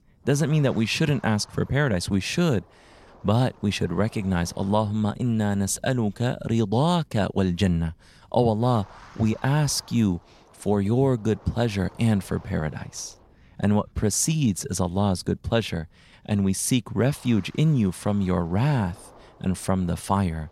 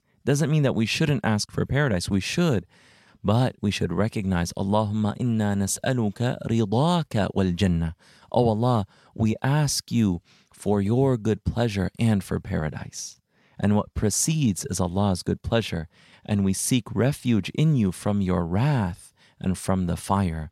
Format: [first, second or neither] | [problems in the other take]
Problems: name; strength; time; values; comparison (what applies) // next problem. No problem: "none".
second | wind noise on the microphone; occasional gusts; 20 dB below the speech